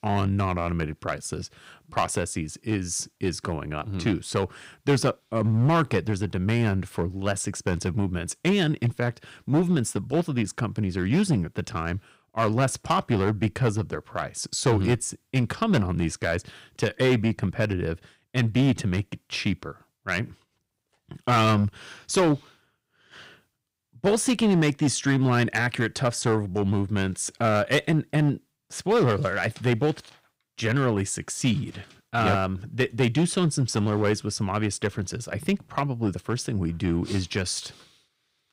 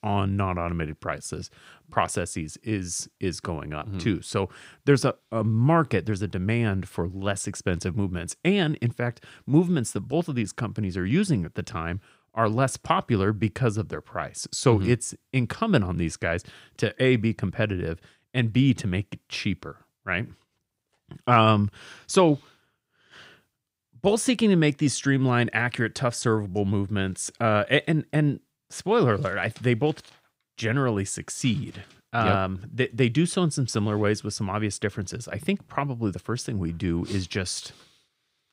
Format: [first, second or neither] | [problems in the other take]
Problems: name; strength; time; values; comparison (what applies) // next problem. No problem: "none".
second | distortion; slight; 4% of the sound clipped